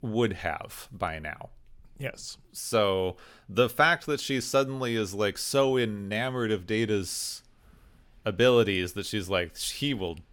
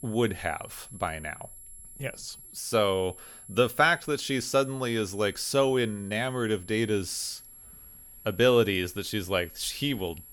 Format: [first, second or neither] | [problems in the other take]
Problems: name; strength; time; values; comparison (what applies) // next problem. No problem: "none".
first | high-pitched whine; noticeable; throughout; 11 kHz, 20 dB below the speech